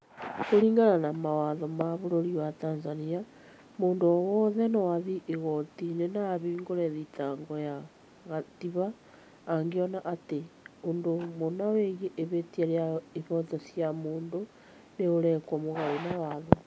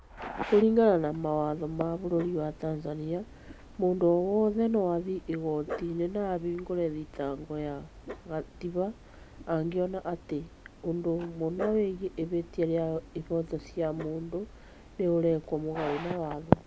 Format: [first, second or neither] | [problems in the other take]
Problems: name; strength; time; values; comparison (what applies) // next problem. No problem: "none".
first | background sound (Dog); 18 dB below the speech